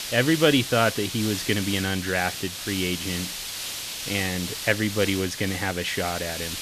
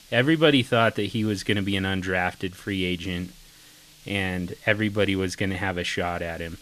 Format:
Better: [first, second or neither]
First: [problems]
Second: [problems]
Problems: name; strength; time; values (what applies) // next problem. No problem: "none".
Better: second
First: hiss; loud; throughout; 6 dB below the speech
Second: hiss; faint; throughout; 25 dB below the speech